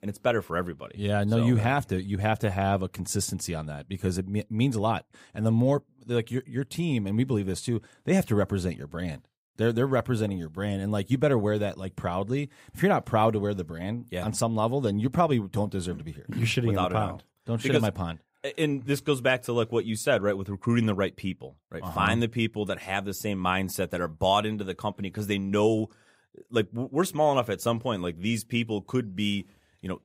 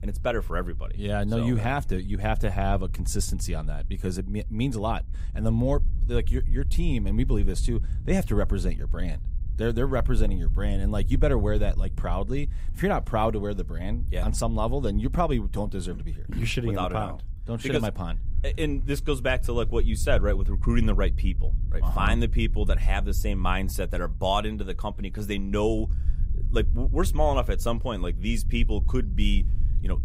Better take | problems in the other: first | low rumble; faint; throughout; 20 dB below the speech

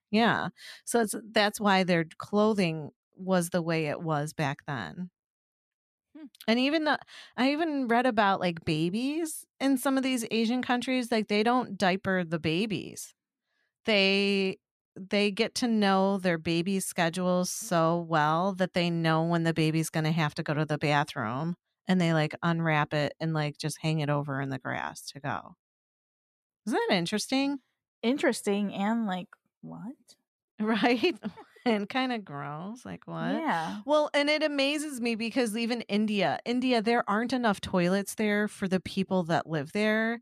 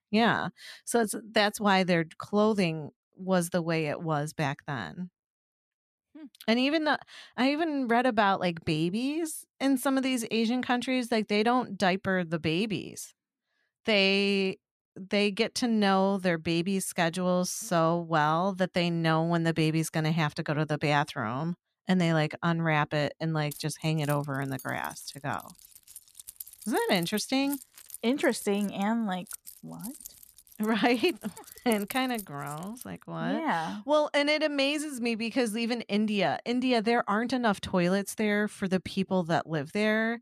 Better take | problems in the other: first | jangling keys; faint; from 24 to 33 s; peak 10 dB below the speech

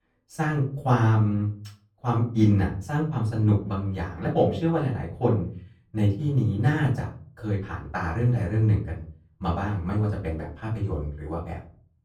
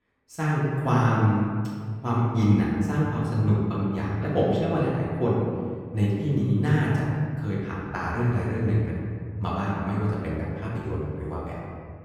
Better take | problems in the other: first | room echo; strong; dies away in 1.9 s; slight in the first // off-mic speech; far; far in the first

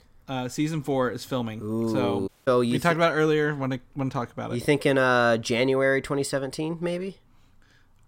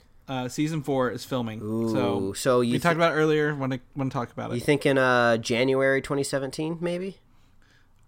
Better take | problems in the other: second | audio cutting out; at 2.5 s

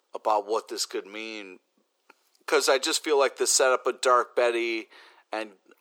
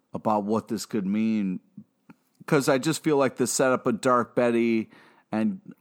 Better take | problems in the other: second | thin; very; fading below 400 Hz

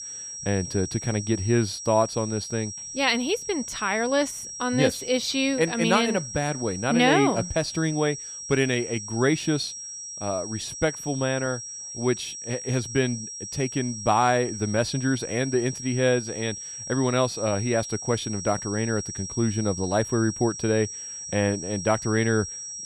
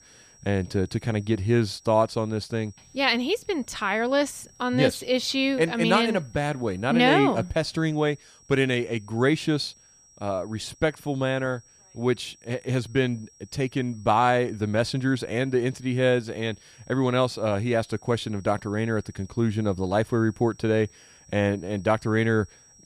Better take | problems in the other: second | high-pitched whine; loud; throughout; 5.5 kHz, 8 dB below the speech; faint in the second

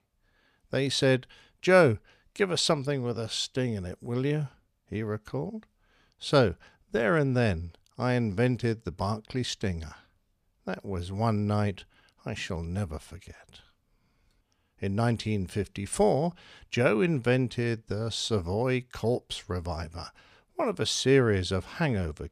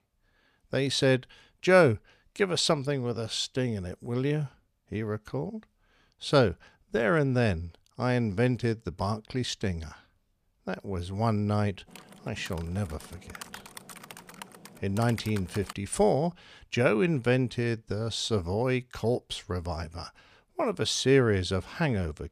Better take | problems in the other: first | keyboard typing; faint; from 12 to 16 s; peak 15 dB below the speech

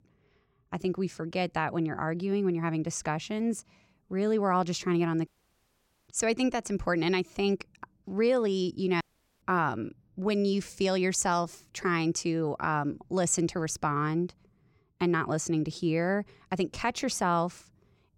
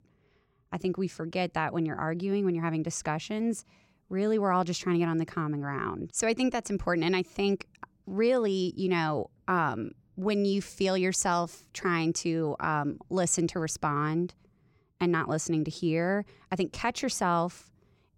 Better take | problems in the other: second | audio cutting out; at 5.5 s for 1 s and at 9 s

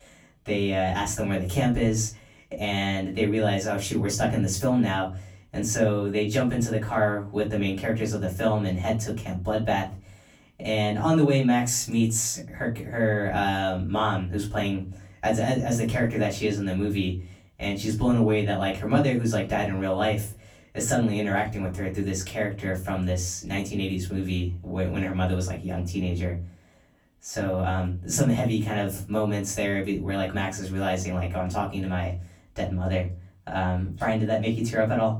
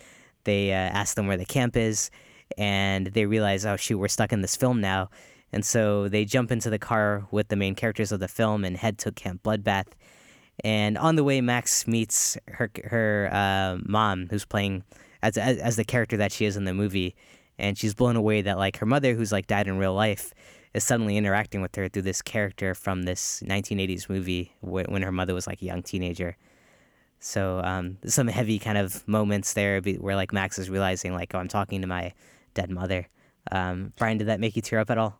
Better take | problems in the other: second | room echo; slight; dies away in 0.4 s // off-mic speech; far

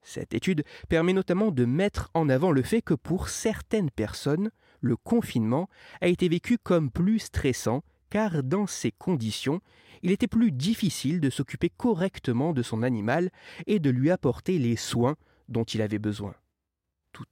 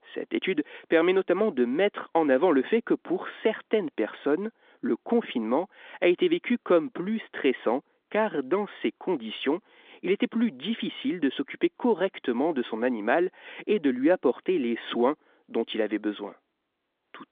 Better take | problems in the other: first | phone-call audio; nothing above 3.5 kHz

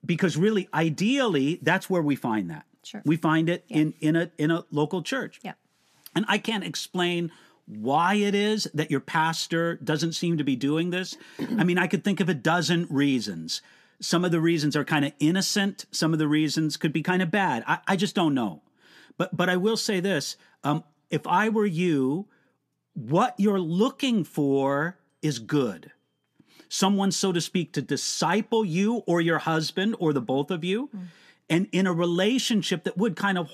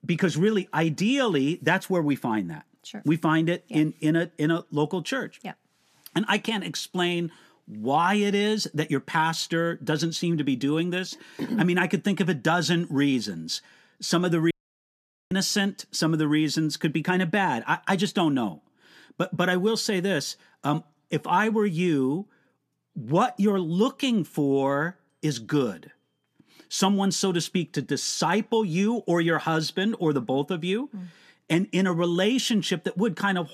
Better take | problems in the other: first | audio cutting out; at 15 s for 1 s

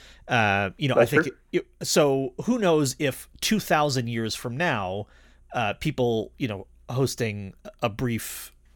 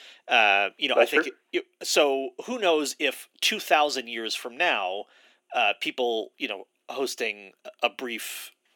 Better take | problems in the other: first | thin; somewhat; fading below 300 Hz

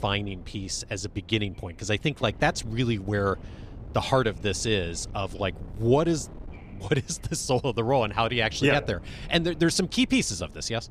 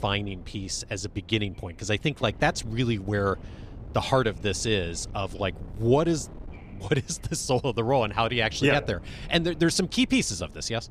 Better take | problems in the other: neither | wind noise on the microphone; occasional gusts; 25 dB below the speech; the same in both

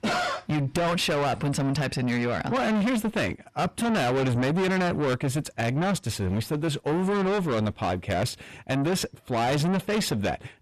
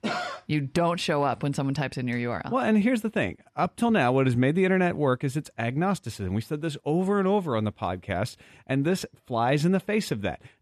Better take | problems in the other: second | distortion; heavy; 5 dB below the speech

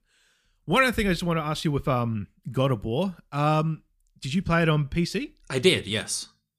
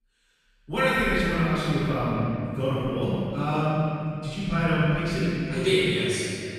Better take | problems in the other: first | off-mic speech; far // room echo; strong; dies away in 2.7 s

